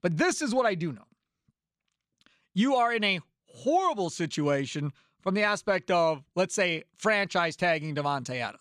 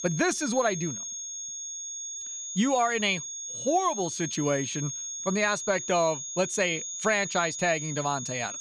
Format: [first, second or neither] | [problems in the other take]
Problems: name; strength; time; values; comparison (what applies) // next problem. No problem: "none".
first | high-pitched whine; loud; throughout; 6.5 kHz, 6 dB below the speech